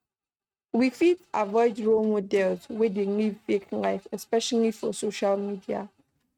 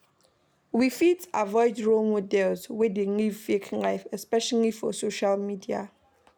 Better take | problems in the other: second | noise reduction (neural mask model RNNoise)

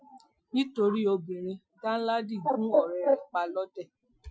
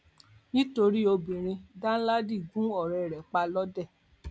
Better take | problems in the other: second | noise reduction (classical method Wiener filter)

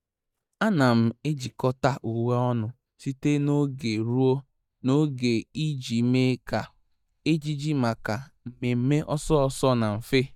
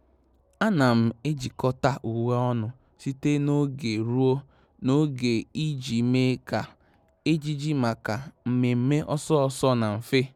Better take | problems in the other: second | noise reduction (neural mask model DeepFilterNet 3)

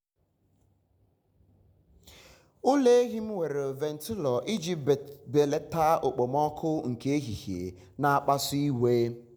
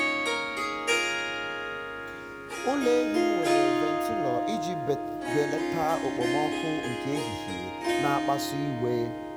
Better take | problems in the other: first | background sound (Harp); 3 dB above the speech

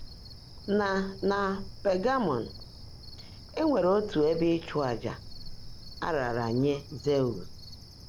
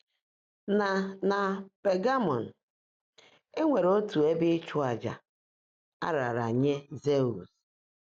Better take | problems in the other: second | background sound (Cricket); 13 dB below the speech

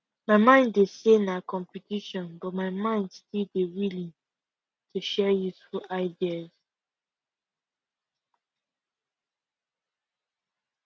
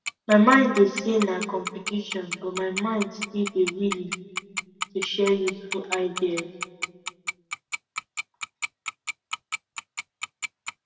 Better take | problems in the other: first | background sound (Tick-tock); 9 dB below the speech // room echo; dies away in 1.7 s

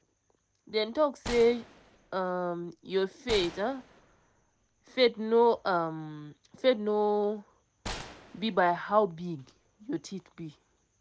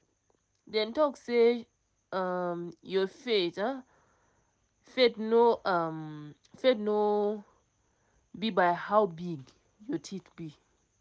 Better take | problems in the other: second | background sound (Gunshot, gunfire); 15 dB below the speech

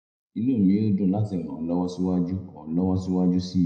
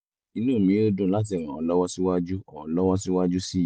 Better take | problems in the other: second | room echo; dies away in 0.7 s

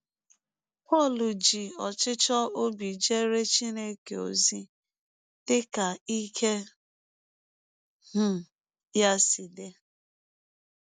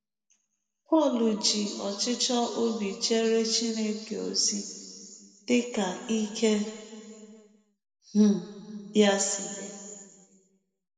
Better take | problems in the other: first | room echo; dies away in 2.1 s

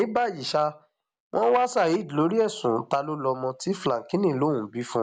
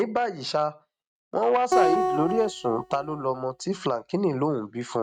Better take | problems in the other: first | noise reduction (neural mask model RNNoise)

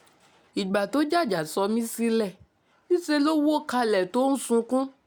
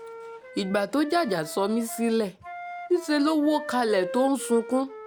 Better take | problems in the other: first | background sound (Wind instrument, woodwind instrument); 13 dB below the speech

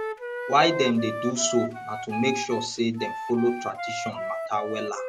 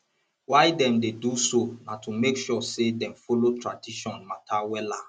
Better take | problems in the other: second | background sound (Wind instrument, woodwind instrument); 6 dB below the speech

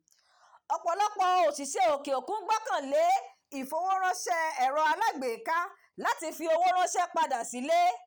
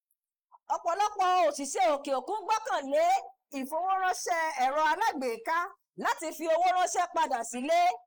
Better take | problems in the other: first | noise reduction (neural mask model Resemble Enhance denoiser)

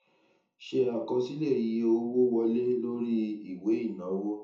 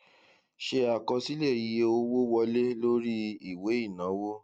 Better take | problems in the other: second | room echo; dies away in 0.5 s

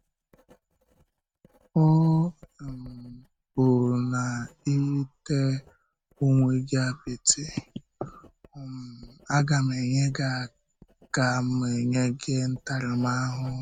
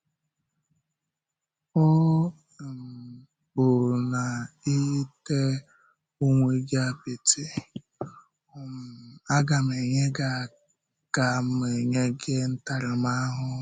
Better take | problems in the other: second | noise reduction (neural mask model RNNoise)

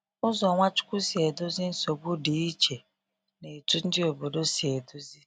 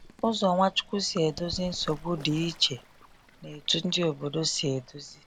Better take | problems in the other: first | background sound (Bird / Fowl); 19 dB below the speech

